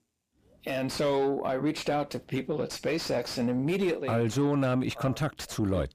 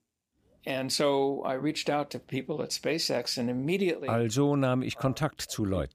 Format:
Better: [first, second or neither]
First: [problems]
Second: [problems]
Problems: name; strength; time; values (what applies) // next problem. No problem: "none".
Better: second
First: distortion; slight; 10 dB below the speech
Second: none